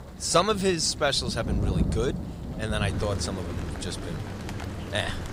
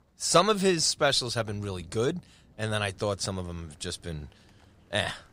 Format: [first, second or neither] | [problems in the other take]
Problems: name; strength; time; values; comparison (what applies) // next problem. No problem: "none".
second | rain or running water; loud; throughout; 5 dB below the speech; faint in the second